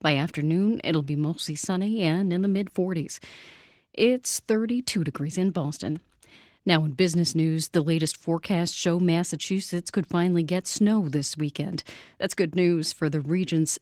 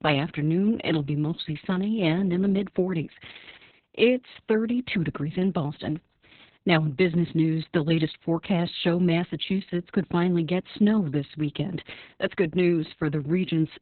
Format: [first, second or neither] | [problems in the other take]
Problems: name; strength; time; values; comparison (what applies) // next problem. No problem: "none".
first | garbled, watery; badly; nothing above 4 kHz; slightly in the first